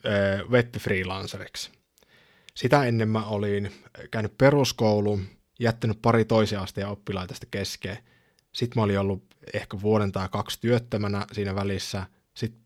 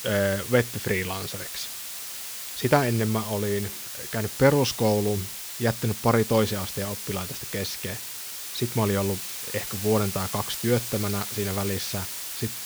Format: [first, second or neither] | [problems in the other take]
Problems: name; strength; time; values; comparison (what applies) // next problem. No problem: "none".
first | hiss; loud; throughout; 6 dB below the speech